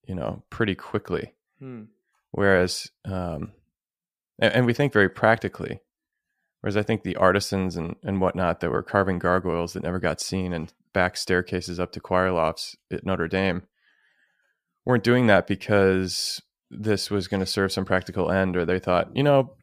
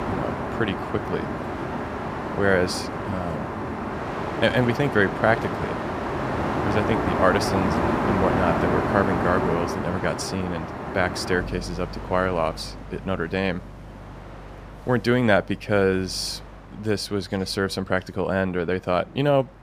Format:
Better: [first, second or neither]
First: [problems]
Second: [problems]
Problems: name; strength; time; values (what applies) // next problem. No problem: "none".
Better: first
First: none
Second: train or aircraft noise; loud; throughout; 3 dB below the speech